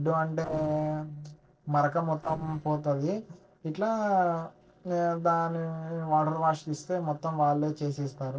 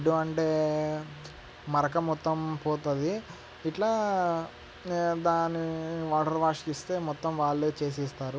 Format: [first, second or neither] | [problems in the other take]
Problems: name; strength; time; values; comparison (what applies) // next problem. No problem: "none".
second | noise reduction (neural separator model SepFormer DNS4)